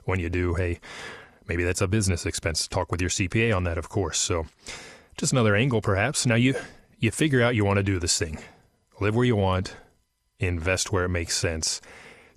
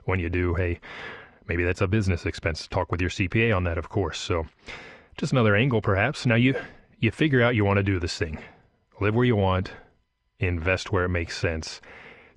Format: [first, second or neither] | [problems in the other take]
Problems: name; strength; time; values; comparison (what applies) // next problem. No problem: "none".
first | muffled; slightly; fading above 3 kHz